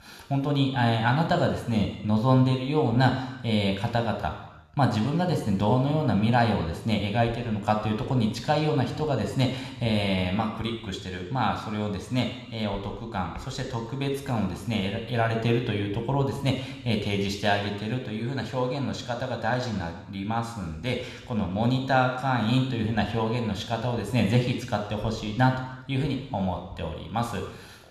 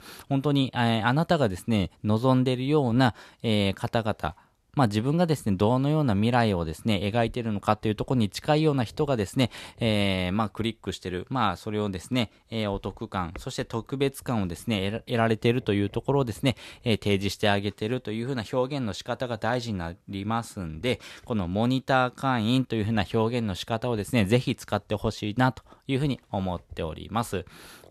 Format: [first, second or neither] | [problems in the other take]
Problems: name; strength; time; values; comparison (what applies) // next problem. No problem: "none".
second | room echo; noticeable; dies away in 0.9 s